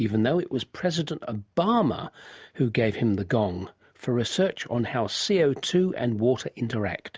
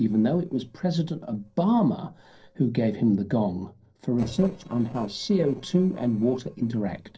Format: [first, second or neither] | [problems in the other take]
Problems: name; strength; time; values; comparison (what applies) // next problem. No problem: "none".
first | noise reduction (neural separator model SepFormer DNS4)